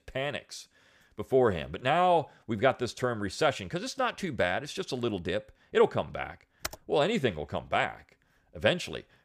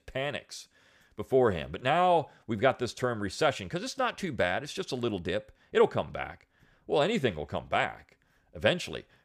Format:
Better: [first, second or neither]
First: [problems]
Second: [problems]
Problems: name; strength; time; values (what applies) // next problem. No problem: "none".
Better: second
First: keyboard typing; faint; at 6.5 s; peak 10 dB below the speech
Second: none